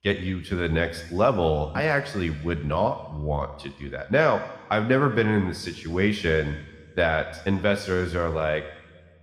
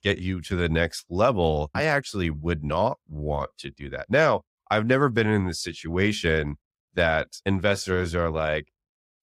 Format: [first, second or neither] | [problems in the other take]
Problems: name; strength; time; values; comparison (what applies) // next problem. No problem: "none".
second | room echo; slight; dies away in 1.4 s